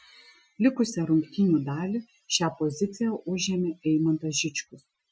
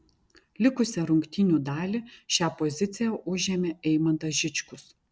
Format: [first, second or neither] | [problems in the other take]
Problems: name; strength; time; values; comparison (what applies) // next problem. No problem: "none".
second | noise reduction (classical method Wiener filter)